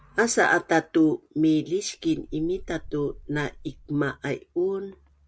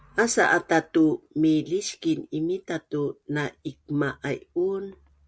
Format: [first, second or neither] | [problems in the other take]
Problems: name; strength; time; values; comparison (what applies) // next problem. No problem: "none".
second | background sound (Wind); 18 dB below the speech